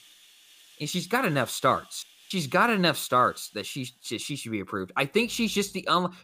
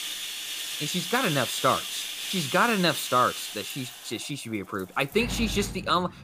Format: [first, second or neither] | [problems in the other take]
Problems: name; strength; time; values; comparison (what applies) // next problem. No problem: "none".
first | household noises; loud; throughout; 5 dB below the speech; faint in the first